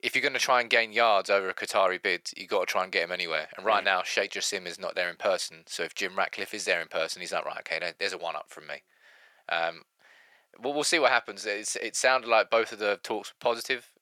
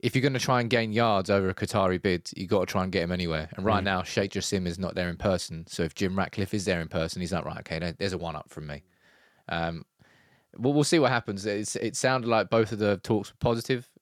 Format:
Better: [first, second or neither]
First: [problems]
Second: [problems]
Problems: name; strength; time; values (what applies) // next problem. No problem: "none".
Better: second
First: thin; very; fading below 600 Hz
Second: none